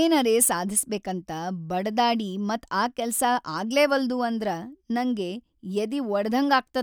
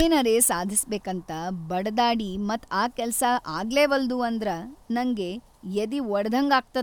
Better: first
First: none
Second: background sound (Wind); 20 dB below the speech

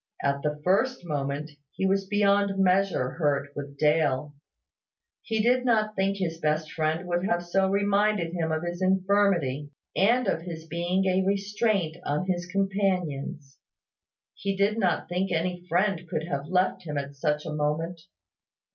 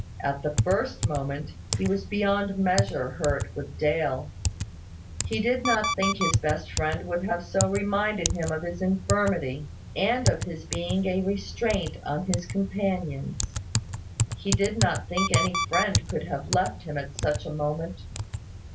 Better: first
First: none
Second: background sound (Alarm + Typing); 3 dB below the speech

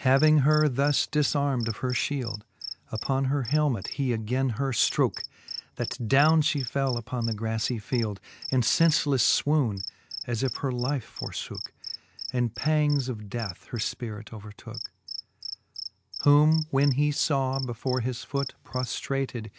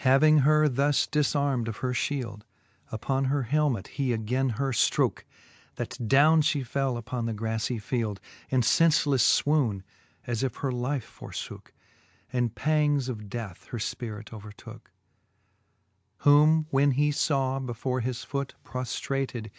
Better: second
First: background sound (Cricket); 14 dB below the speech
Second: none

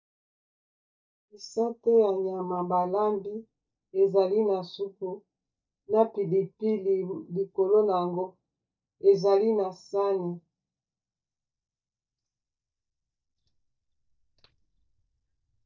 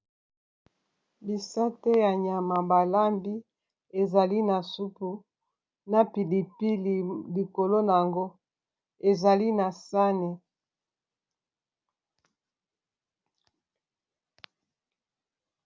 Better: second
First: noise reduction (neural mask model DeepFilterNet 3)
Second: none

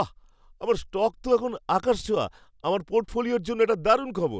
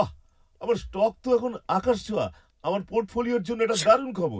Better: first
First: none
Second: noise reduction (neural mask model DeepFilterNet 3)

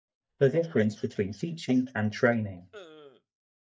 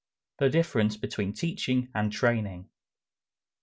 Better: second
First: noise reduction (neural mask model DeepFilterNet 3)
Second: none

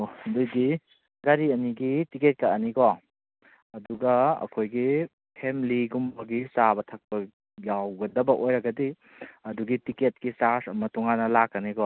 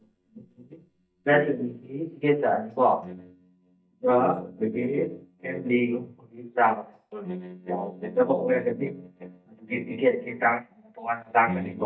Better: first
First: none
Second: noise reduction (neural mask model DeepFilterNet 3)

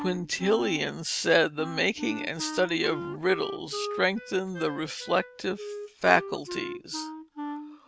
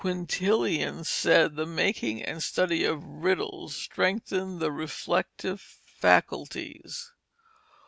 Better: second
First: background sound (Wind instrument, woodwind instrument); 10 dB below the speech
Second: none

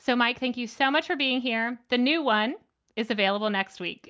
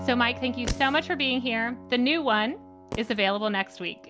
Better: first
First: none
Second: background sound (Piano + Fireworks); 12 dB below the speech

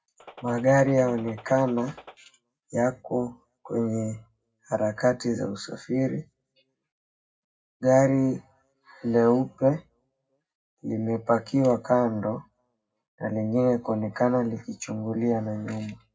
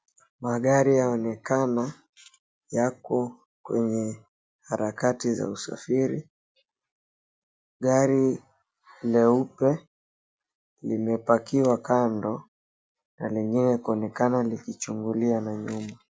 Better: second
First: background sound (Gunshot, gunfire); 19 dB below the speech // room echo; dies away in 0.3 s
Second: none

